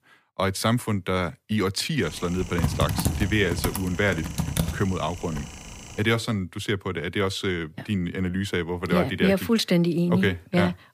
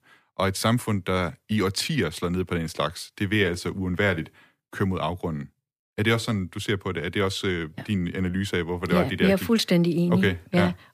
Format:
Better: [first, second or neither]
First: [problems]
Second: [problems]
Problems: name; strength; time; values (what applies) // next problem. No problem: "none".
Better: second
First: keyboard typing; noticeable; from 2.5 to 5.5 s; peak level with the speech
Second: none